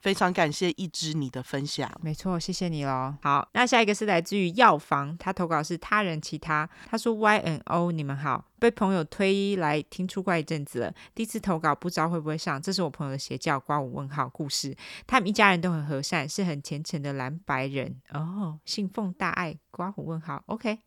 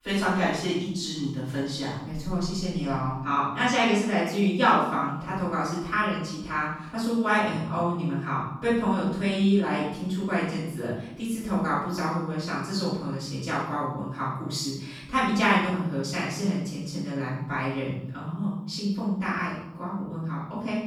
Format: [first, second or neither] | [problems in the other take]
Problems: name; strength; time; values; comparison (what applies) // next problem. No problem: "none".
first | off-mic speech; far // room echo; noticeable; dies away in 0.8 s